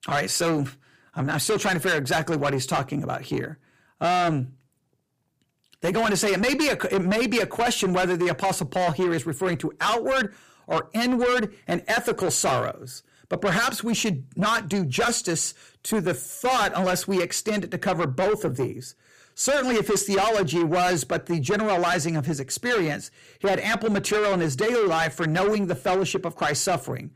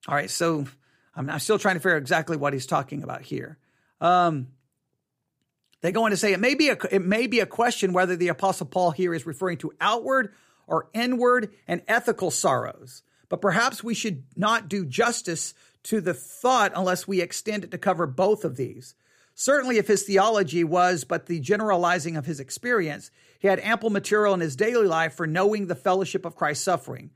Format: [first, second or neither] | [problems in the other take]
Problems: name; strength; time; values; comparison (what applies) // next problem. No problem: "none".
second | distortion; heavy; 7 dB below the speech